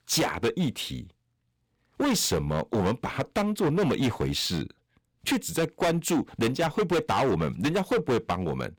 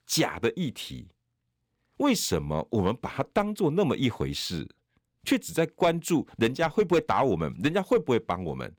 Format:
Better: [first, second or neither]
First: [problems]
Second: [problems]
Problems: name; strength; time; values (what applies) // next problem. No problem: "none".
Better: second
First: distortion; heavy; 14% of the sound clipped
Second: none